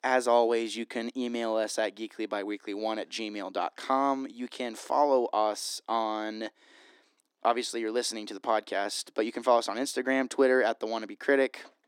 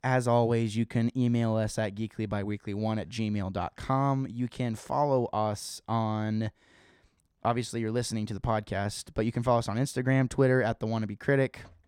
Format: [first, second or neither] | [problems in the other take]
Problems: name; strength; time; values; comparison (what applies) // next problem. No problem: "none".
second | thin; somewhat; fading below 300 Hz